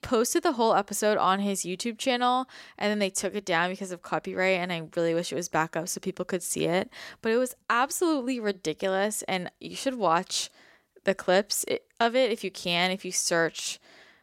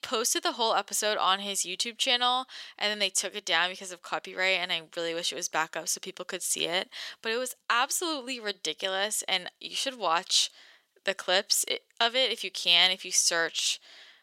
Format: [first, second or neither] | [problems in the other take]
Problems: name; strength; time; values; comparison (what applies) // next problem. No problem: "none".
first | thin; somewhat; fading below 950 Hz